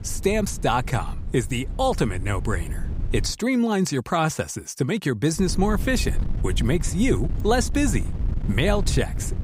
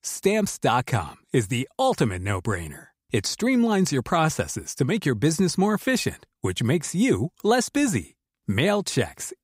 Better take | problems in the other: second | wind noise on the microphone; occasional gusts; until 3.5 s and from 5.5 s on; 20 dB below the speech

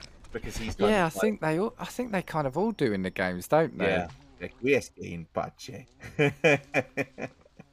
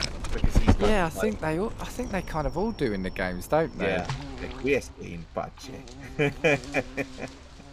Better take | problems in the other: first | animal sounds; loud; throughout; 6 dB below the speech; faint in the first

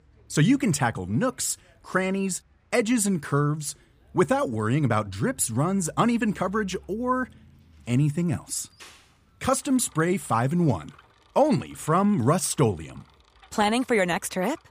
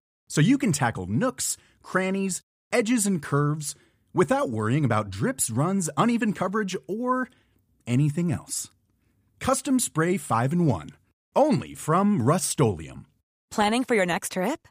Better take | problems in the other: second | traffic noise; faint; throughout; 30 dB below the speech

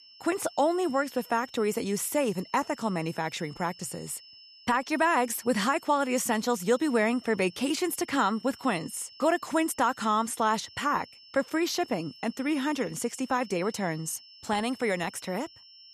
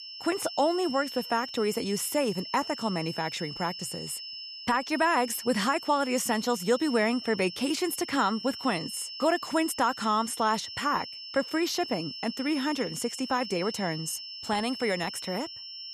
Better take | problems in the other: first | high-pitched whine; loud; throughout; 5.5 kHz, 9 dB below the speech; faint in the first

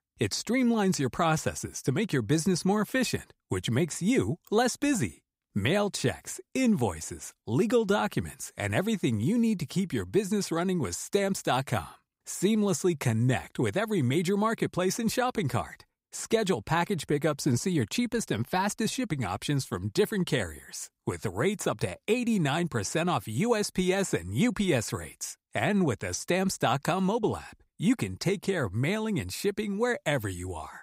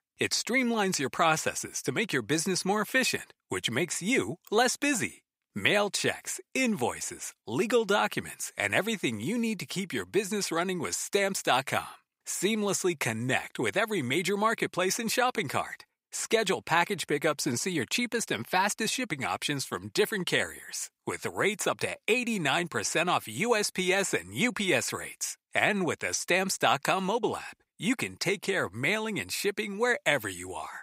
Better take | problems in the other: first | thin; somewhat; fading below 500 Hz

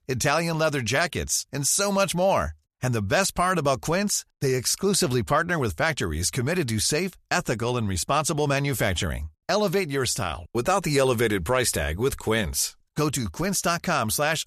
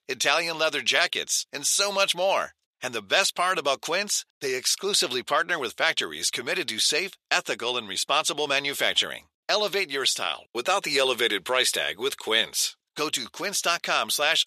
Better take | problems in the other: first | thin; somewhat; fading below 400 Hz

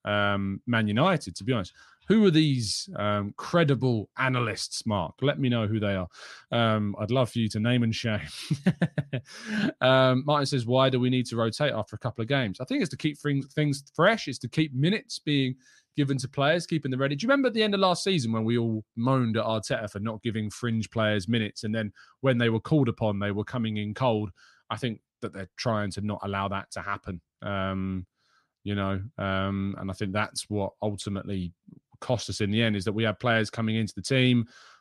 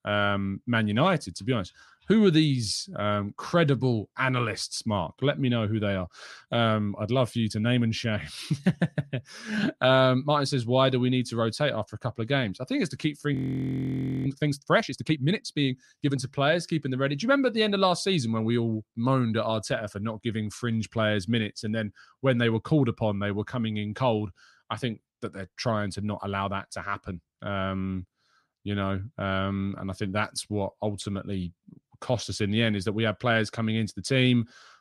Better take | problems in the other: first | audio freezing; at 13 s for 1 s

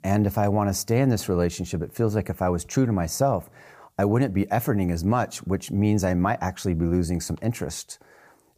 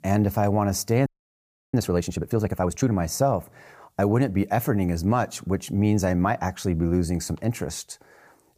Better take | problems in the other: first | audio freezing; at 1 s for 0.5 s

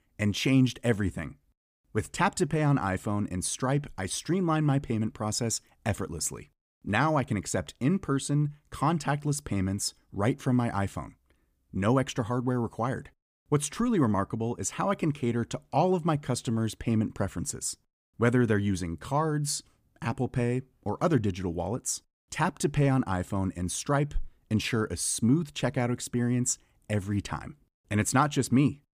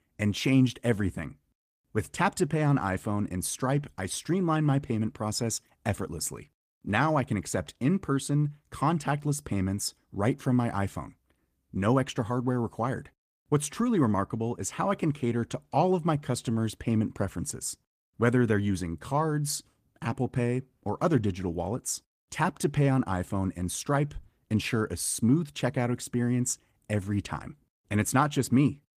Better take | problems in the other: first | garbled, watery; slightly

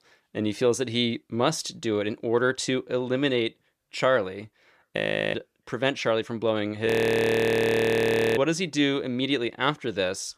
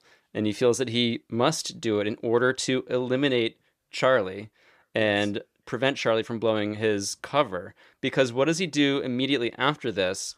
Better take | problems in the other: second | audio freezing; at 5 s and at 7 s for 1.5 s

